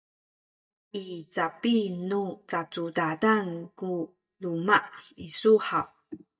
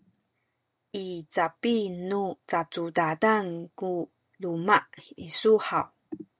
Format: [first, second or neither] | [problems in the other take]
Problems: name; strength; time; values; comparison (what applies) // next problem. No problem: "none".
second | noise reduction (neural mask model DeepFilterNet 3)